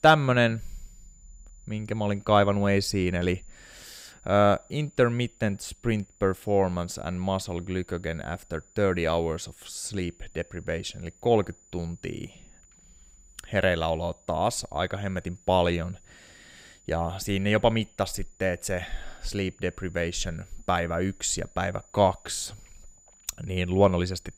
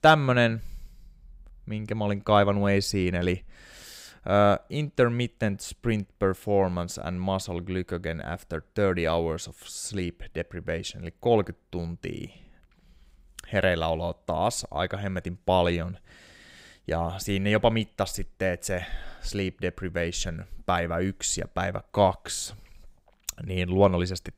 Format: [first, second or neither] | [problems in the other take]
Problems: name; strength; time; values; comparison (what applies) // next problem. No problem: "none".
second | high-pitched whine; faint; throughout; 7 kHz, 30 dB below the speech